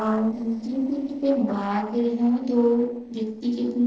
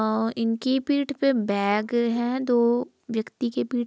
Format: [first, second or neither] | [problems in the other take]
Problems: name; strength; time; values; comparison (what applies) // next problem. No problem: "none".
second | noise reduction (neural separator model SepFormer DNS4)